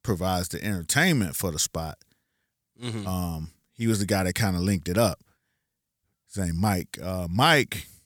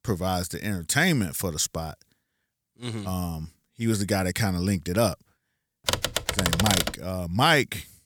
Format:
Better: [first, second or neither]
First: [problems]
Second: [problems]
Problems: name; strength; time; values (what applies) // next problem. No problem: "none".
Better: first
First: none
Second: keyboard typing; loud; from 6 to 7 s; peak 3 dB above the speech